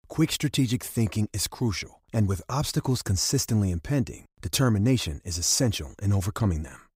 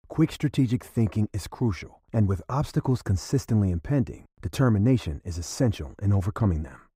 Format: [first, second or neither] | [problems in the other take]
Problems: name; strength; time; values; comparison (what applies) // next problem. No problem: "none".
first | muffled; slightly; fading above 2.5 kHz